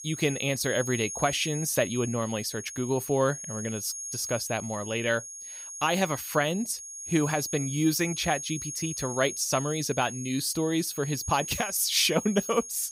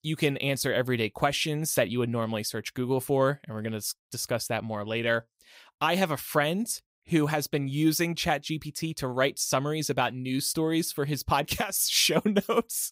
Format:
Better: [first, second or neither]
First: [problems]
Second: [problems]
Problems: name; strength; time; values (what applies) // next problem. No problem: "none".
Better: second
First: high-pitched whine; loud; throughout; 6.5 kHz, 8 dB below the speech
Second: none